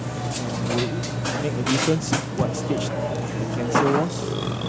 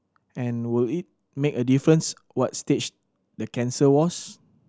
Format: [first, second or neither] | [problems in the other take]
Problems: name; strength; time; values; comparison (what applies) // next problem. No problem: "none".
second | background sound (Burping, eructation); 3 dB above the speech